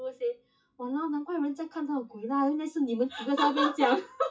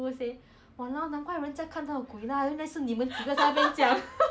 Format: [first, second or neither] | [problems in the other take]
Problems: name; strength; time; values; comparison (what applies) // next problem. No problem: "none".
second | noise reduction (classical method WPE with log-MMSE)